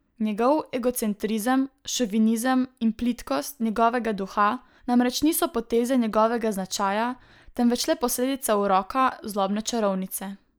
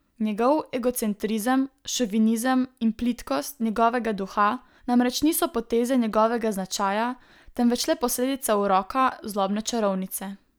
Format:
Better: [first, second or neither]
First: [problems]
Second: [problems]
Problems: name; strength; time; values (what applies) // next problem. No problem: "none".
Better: second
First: noise reduction (neural mask model Resemble Enhance denoiser)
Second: none